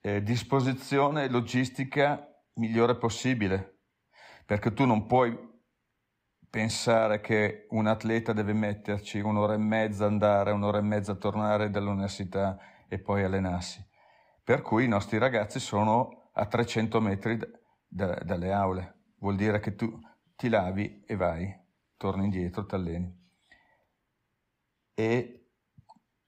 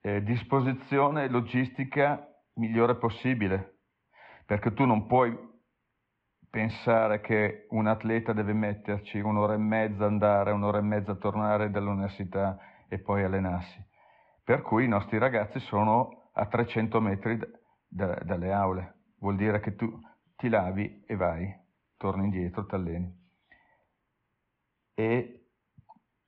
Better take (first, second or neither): first